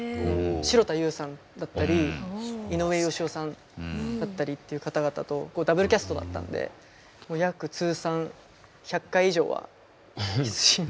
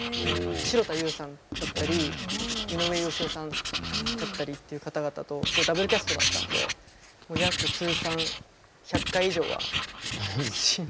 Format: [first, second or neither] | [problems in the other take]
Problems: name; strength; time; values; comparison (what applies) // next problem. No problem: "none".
first | background sound (Writing); 1 dB below the speech